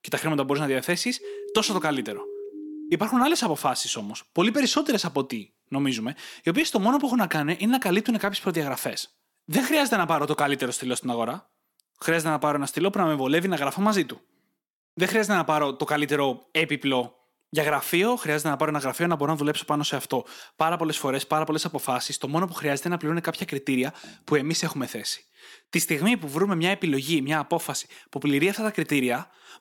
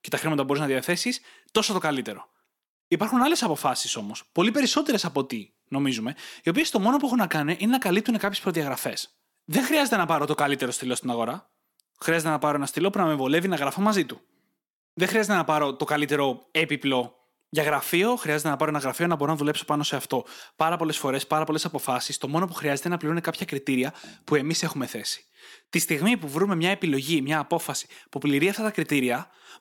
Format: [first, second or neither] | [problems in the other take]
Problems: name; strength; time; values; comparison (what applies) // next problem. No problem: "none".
second | siren; faint; from 1 to 3 s; peak 10 dB below the speech